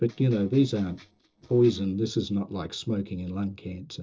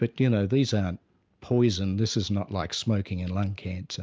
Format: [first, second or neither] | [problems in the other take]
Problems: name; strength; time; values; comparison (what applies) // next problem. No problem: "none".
second | noise reduction (neural separator model SepFormer DNS4)